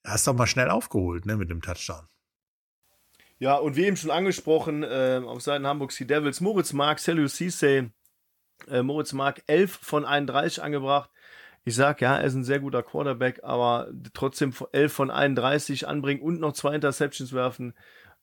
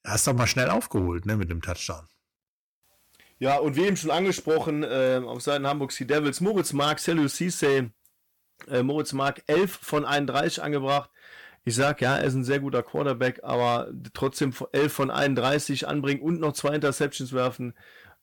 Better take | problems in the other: first | distortion; slight; 6% of the sound clipped

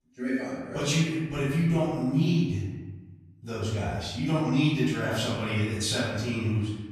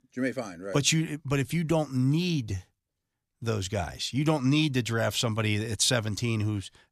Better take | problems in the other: second | off-mic speech; far // room echo; strong; dies away in 1.1 s

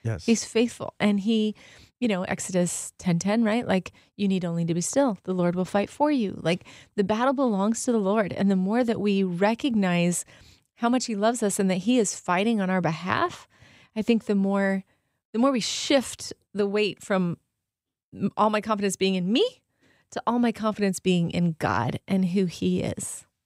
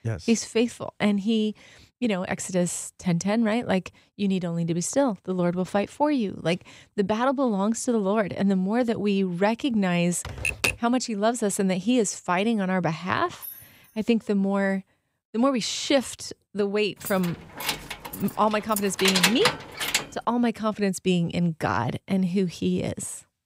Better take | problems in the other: first | keyboard typing; loud; at 10 s; peak 1 dB above the speech // jangling keys; faint; at 13 s; peak 15 dB below the speech // jangling keys; loud; from 17 to 20 s; peak 5 dB above the speech

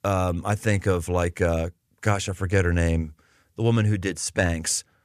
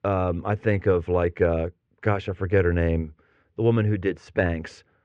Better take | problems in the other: first | muffled; very; fading above 2.5 kHz

